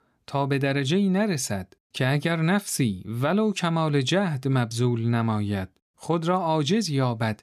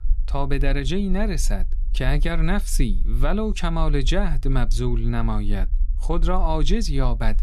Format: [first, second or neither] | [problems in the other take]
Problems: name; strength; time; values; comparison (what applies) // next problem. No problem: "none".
first | low rumble; faint; throughout; 25 dB below the speech